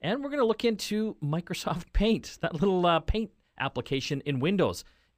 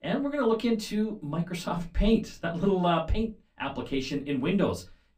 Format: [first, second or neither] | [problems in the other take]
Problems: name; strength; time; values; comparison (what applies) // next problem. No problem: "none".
first | off-mic speech; far // room echo; very slight; dies away in 0.2 s